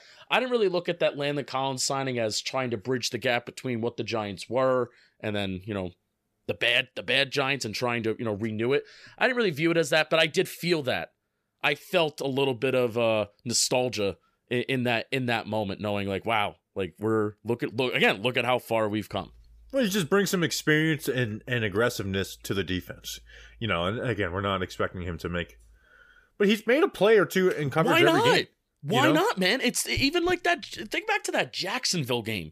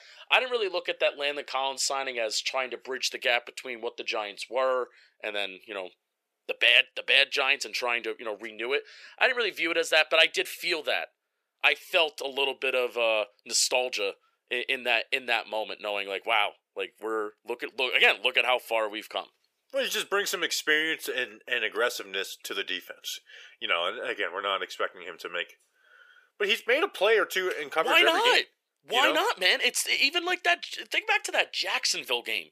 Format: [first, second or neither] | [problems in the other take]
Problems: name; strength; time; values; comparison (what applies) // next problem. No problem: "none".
first | thin; very; fading below 450 Hz